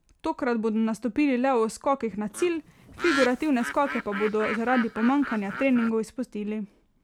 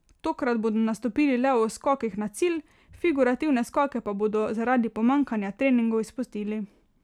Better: second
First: background sound (Bird); 9 dB below the speech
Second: none

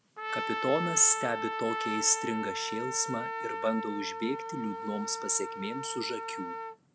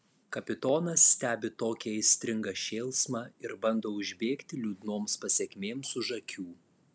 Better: second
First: background sound (Trumpet); 4 dB below the speech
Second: none

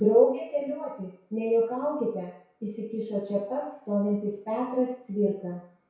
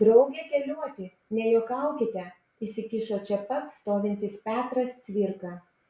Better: second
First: room echo; dies away in 0.6 s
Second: none

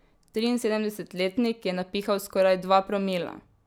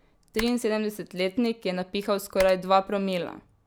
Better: first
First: none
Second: background sound (Typing); 17 dB below the speech

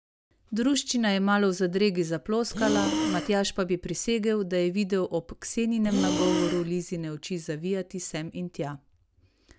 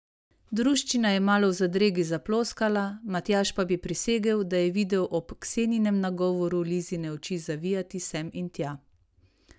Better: second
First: background sound (Breathing); 2 dB below the speech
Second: none

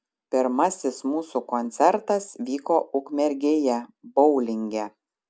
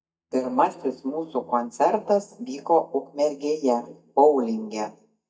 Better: first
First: none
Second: noise reduction (neural mask model DeepFilterNet 3)

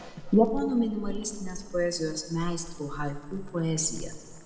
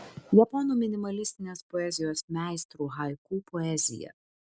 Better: second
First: background sound (Boiling); 9 dB below the speech // room echo; dies away in 1.8 s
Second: none

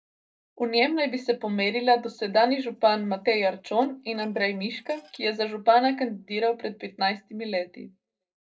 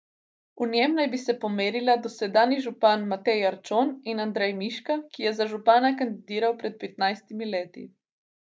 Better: second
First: noise reduction (neural separator model SepFormer DNS4)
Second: none

